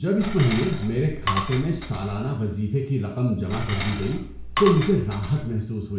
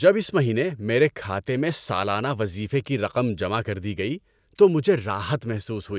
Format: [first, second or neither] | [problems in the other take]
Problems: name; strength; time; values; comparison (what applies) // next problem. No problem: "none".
second | background sound (Cutlery, silverware / Dishes, pots, and pans); 7 dB below the speech // room echo; dies away in 0.5 s